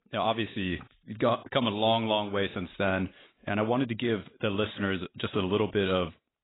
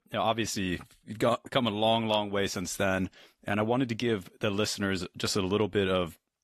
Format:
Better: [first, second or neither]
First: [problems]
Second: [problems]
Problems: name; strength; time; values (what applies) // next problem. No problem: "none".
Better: second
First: garbled, watery; badly; nothing above 3.5 kHz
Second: garbled, watery; slightly; nothing above 13.5 kHz